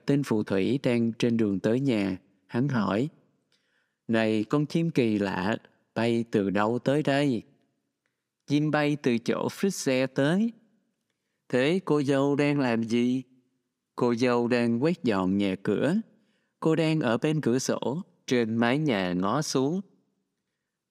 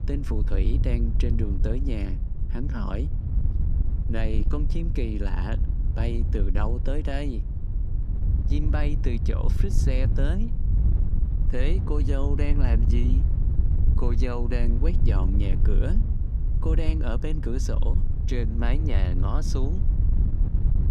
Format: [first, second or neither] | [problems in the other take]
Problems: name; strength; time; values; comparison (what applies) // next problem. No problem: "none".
first | wind noise on the microphone; heavy; 7 dB below the speech